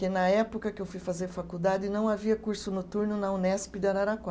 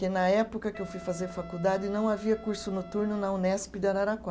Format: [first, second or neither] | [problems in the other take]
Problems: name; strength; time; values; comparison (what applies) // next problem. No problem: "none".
first | background sound (Wind instrument, woodwind instrument); 18 dB below the speech